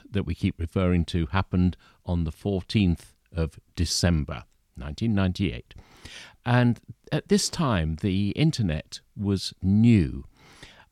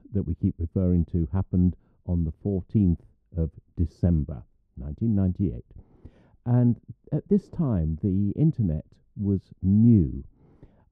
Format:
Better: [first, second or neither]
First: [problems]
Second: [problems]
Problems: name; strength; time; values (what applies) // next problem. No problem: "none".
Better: first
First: none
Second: muffled; very; fading above 1 kHz